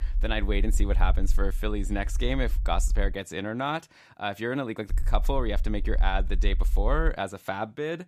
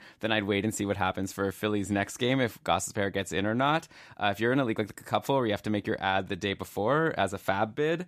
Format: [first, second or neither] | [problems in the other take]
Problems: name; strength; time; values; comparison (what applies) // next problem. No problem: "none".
second | low rumble; faint; until 3 s and from 5 to 7 s; 20 dB below the speech